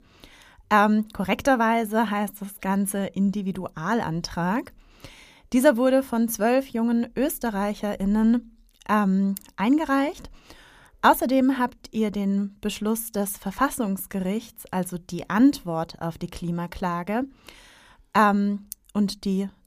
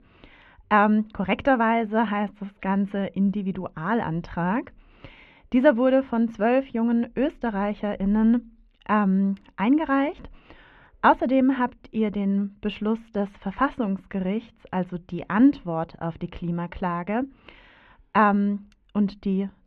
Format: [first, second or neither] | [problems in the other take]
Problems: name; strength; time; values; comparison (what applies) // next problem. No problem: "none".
first | muffled; very; fading above 2.5 kHz